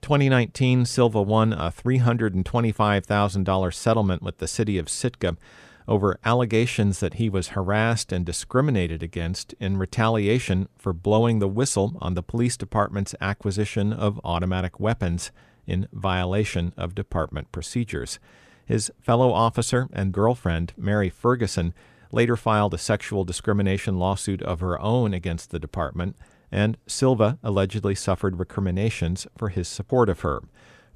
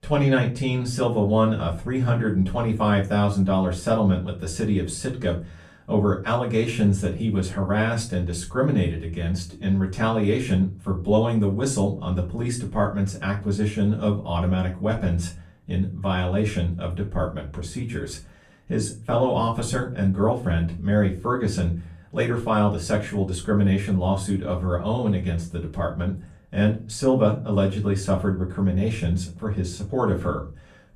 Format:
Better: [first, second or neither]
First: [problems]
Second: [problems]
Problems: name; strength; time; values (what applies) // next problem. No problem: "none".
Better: first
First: none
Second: off-mic speech; far // room echo; slight; dies away in 0.3 s